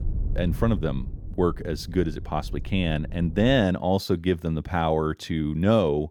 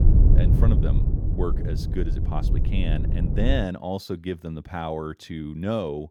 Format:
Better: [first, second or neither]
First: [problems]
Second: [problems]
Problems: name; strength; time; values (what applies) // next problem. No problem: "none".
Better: first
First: low rumble; faint; until 3.5 s; 25 dB below the speech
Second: low rumble; loud; until 3.5 s; 5 dB below the speech